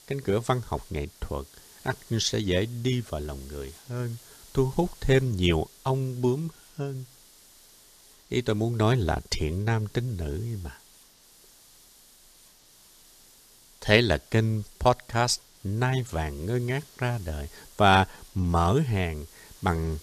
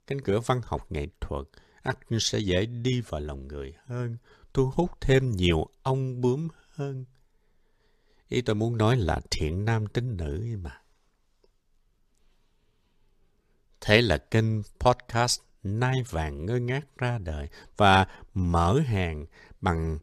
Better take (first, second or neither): second